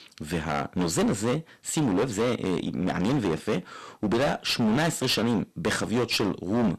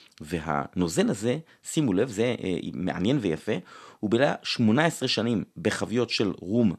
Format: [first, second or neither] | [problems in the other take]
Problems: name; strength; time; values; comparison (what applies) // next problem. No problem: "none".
second | distortion; heavy; 19% of the sound clipped